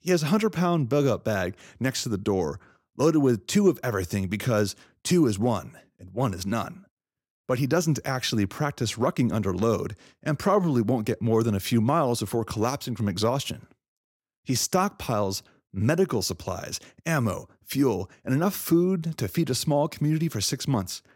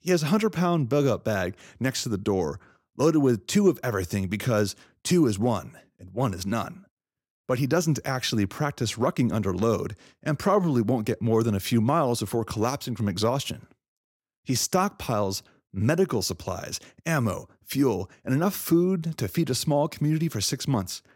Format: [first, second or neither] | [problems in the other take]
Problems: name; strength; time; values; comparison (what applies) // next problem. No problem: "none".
neither | none